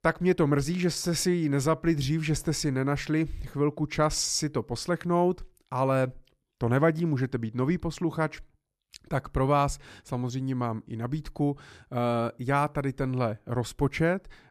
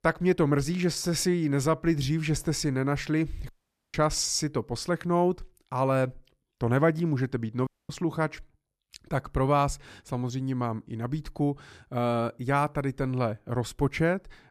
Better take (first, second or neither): first